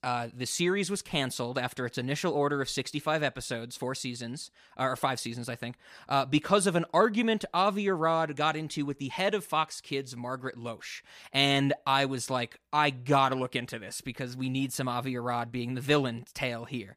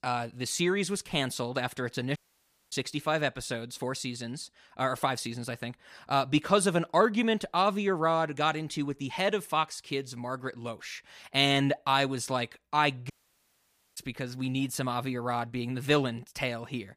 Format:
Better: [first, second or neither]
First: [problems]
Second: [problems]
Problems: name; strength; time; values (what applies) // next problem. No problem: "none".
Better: first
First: none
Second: audio cutting out; at 2 s for 0.5 s and at 13 s for 1 s